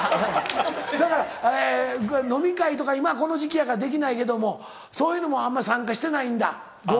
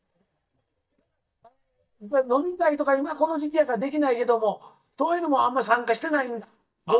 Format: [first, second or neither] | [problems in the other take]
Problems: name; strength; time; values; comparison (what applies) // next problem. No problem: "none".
first | noise reduction (neural mask model DeepFilterNet 3)